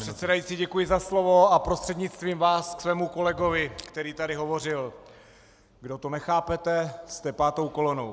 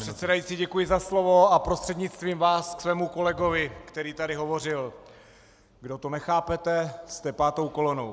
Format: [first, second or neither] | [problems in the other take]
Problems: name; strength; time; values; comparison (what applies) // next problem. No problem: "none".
second | background sound (Crushing); 19 dB below the speech